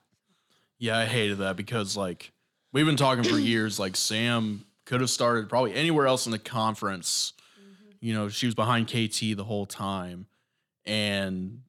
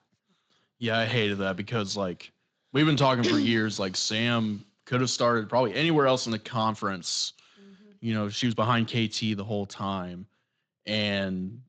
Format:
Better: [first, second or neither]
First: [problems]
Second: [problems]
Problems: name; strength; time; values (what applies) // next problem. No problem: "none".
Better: first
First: none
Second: garbled, watery; slightly; nothing above 7.5 kHz